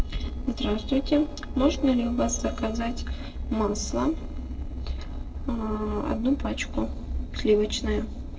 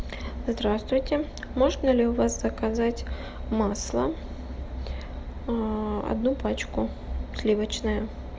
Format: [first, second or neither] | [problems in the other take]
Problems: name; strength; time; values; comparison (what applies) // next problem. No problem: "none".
second | noise reduction (neural separator model SepFormer DNS4)